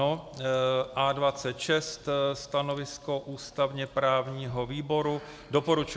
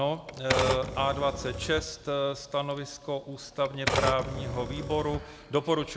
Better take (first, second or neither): first